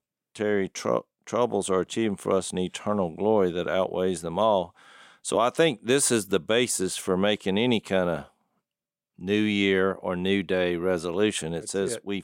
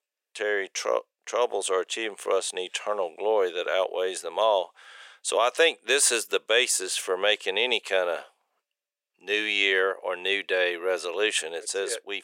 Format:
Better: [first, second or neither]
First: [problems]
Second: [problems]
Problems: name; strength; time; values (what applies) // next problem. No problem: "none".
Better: first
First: none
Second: thin; very; fading below 450 Hz